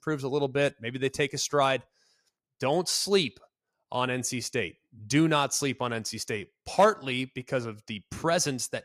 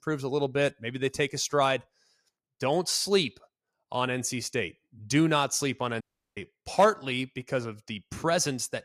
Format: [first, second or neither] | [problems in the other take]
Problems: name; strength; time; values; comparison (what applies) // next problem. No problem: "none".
first | audio cutting out; at 6 s